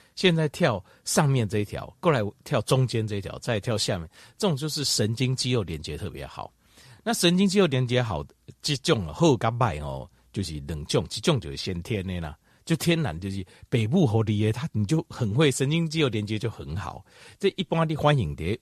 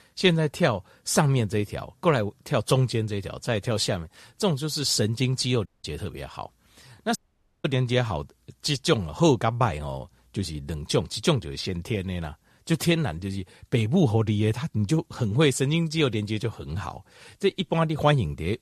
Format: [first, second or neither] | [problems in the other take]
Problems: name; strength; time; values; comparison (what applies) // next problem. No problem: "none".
first | audio cutting out; at 5.5 s and at 7 s